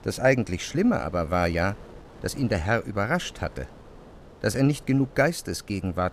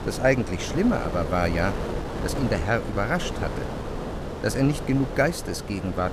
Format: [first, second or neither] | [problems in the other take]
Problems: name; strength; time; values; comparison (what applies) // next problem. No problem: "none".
first | wind noise on the microphone; heavy; 7 dB below the speech; occasional gusts in the first